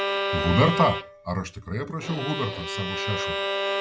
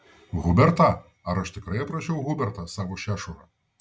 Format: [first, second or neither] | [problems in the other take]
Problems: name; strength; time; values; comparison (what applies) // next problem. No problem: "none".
second | background sound (Bowed string instrument); 2 dB below the speech